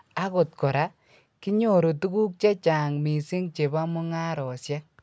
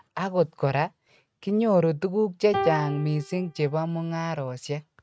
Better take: first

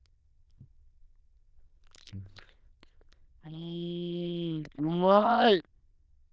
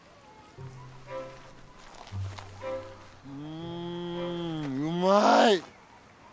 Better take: second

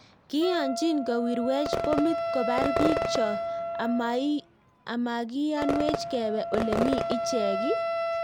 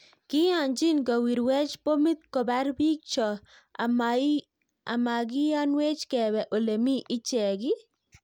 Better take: second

